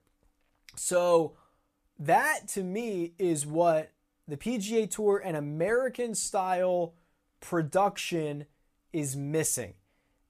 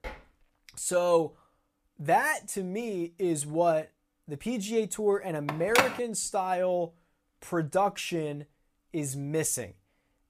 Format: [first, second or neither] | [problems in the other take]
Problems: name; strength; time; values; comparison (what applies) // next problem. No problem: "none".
first | clattering dishes; faint; at the start; peak 15 dB below the speech // phone ringing; loud; at 5.5 s; peak 3 dB above the speech